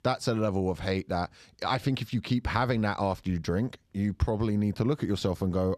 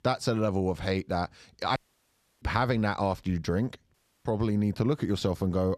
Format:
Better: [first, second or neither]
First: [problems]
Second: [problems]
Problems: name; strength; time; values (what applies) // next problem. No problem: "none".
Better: first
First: none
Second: audio cutting out; at 2 s for 0.5 s and at 4 s